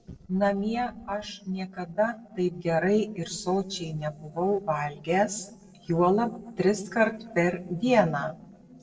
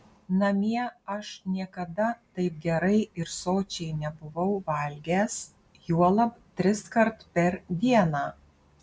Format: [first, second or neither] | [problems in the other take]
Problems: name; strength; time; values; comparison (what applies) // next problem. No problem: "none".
second | noise reduction (neural separator model SepFormer DNS4)